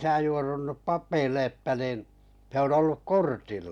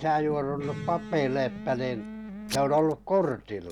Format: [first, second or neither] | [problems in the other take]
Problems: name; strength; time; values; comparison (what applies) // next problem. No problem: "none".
first | background sound (Packing tape, duct tape / Tearing + Electric guitar); 12 dB below the speech